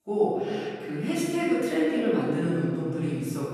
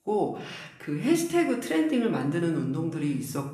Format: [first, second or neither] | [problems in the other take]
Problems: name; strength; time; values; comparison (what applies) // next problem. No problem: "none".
second | room echo; strong; dies away in 1.9 s; slight in the second // off-mic speech; far; somewhat distant in the second